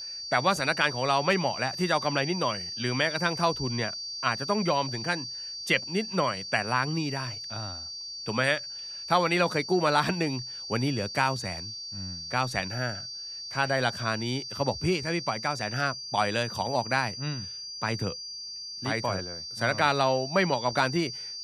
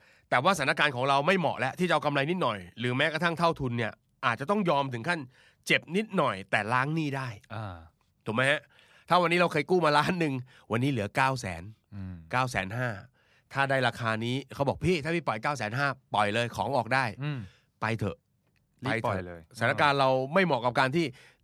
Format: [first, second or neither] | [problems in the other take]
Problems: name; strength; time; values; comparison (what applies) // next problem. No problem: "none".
second | high-pitched whine; loud; throughout; 4.5 kHz, 7 dB below the speech